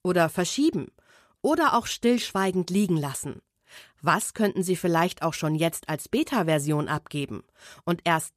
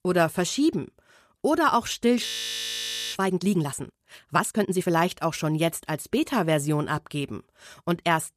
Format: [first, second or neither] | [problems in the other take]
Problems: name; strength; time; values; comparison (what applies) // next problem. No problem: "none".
first | audio freezing; at 2.5 s for 1 s